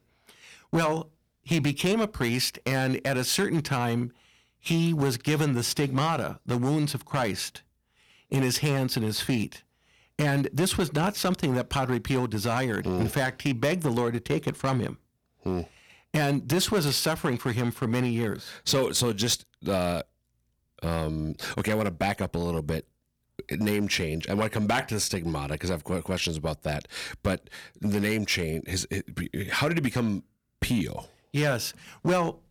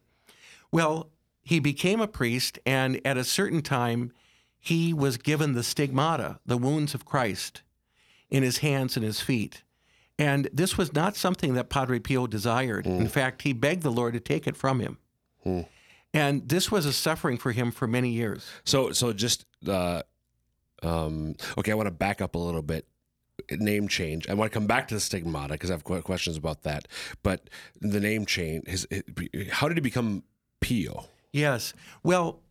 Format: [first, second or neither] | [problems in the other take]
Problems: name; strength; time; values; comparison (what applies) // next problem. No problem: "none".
second | distortion; slight; 4% of the sound clipped